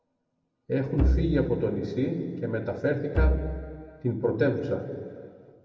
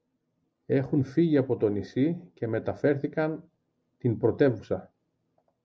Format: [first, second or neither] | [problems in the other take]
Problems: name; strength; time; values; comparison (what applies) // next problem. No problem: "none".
second | background sound (Bowed string instrument); 1 dB above the speech // room echo; dies away in 2.3 s